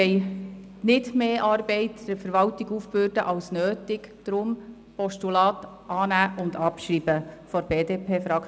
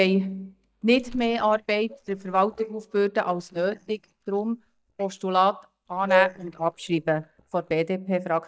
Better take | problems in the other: first | noise reduction (neural mask model DeepFilterNet 3)

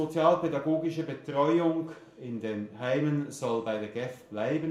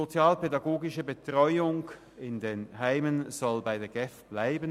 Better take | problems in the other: second | room echo; dies away in 0.4 s

